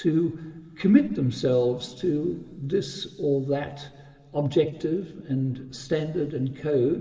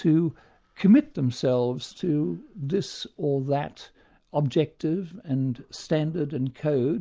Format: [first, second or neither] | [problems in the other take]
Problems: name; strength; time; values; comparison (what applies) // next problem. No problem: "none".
second | room echo; dies away in 2.2 s